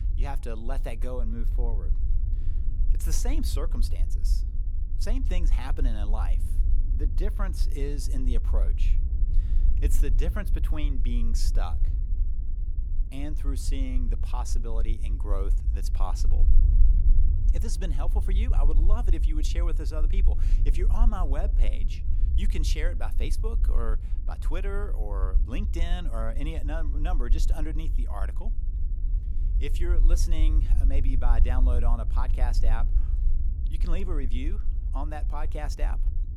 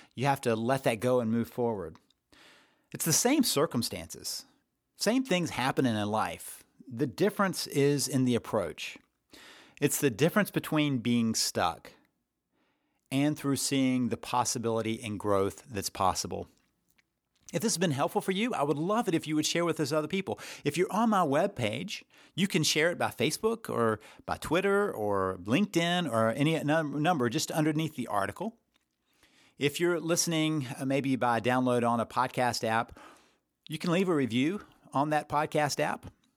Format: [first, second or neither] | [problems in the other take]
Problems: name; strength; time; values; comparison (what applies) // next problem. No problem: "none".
second | low rumble; noticeable; throughout; 10 dB below the speech